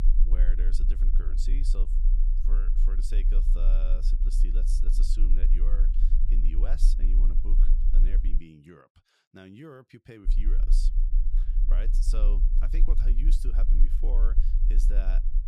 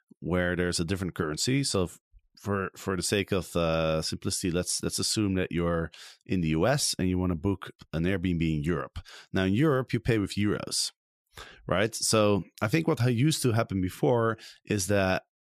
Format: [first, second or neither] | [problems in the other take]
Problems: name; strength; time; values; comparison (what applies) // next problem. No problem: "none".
second | low rumble; loud; until 8.5 s and from 10 s on; 6 dB below the speech